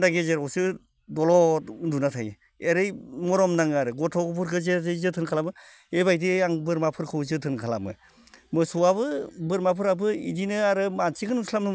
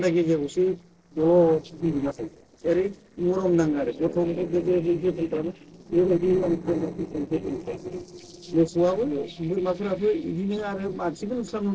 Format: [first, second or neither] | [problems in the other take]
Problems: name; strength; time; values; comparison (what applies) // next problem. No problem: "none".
first | noise reduction (neural separator model SepFormer DNS4)